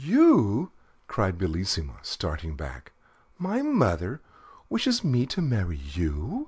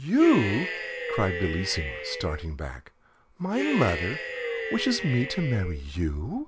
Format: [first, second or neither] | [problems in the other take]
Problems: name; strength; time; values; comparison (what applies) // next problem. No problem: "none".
first | background sound (Cheering); 6 dB below the speech